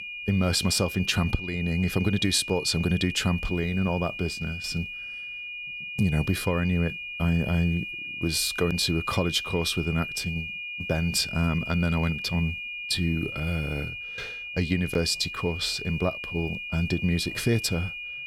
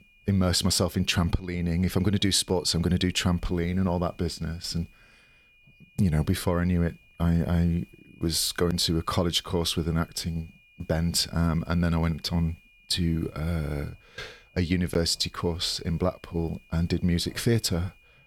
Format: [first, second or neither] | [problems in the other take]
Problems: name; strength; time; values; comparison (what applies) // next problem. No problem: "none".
second | high-pitched whine; loud; throughout; 2.5 kHz, 6 dB below the speech; faint in the second